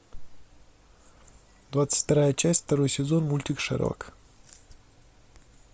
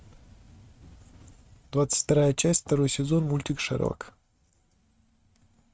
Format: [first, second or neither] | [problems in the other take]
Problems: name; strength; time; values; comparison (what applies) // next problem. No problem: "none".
first | noise reduction (neural mask model RNNoise)